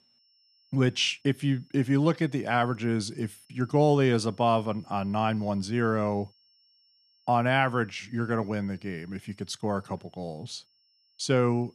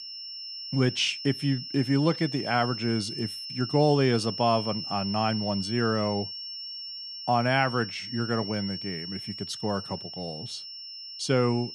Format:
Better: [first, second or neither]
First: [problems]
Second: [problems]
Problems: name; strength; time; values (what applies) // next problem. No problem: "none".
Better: first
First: high-pitched whine; faint; throughout; 5.5 kHz, 35 dB below the speech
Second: high-pitched whine; loud; throughout; 5.5 kHz, 8 dB below the speech